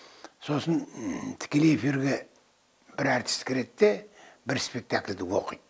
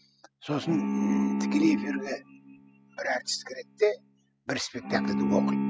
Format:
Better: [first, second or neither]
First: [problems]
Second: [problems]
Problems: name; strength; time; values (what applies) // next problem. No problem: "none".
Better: first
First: none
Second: noise reduction (classical method spectral subtraction)